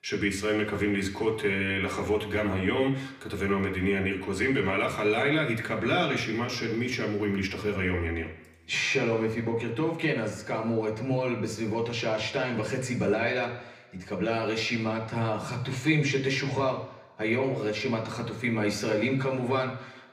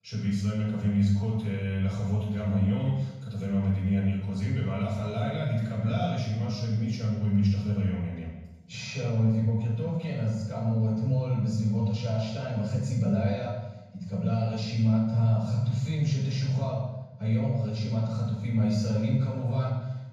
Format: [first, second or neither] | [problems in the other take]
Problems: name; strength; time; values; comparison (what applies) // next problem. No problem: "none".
first | room echo; strong; dies away in 1.3 s; slight in the first // off-mic speech; far; somewhat distant in the first